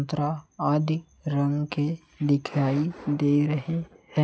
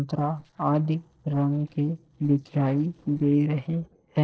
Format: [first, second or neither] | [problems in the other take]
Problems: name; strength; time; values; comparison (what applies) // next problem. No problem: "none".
first | noise reduction (neural separator model SepFormer DNS4)